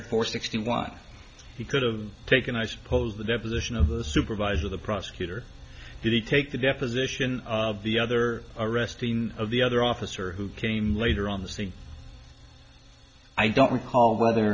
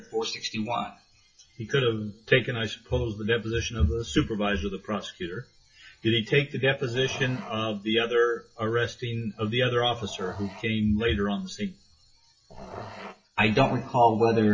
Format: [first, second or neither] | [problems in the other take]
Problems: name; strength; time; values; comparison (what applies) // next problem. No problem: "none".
first | noise reduction (classical method WPE with log-MMSE)